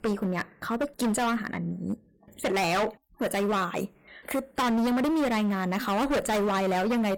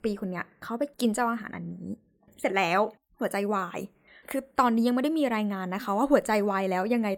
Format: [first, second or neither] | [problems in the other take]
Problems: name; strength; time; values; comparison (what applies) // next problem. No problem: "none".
second | distortion; heavy; 24% of the sound clipped